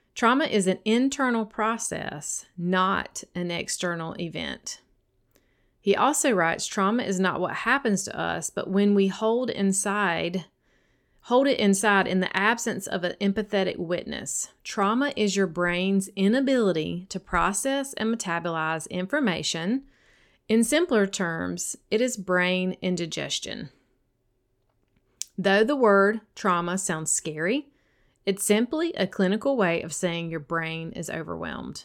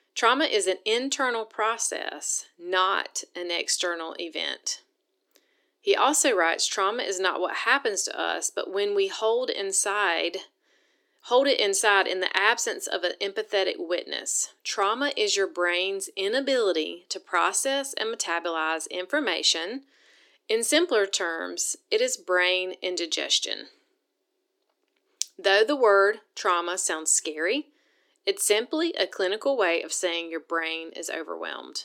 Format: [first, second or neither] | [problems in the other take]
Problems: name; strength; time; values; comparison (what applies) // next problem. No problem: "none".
first | thin; somewhat; fading below 300 Hz